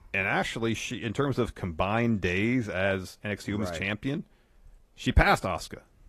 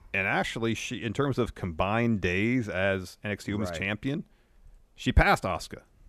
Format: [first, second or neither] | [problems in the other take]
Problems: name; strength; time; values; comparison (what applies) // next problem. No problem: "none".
second | garbled, watery; slightly; nothing above 14 kHz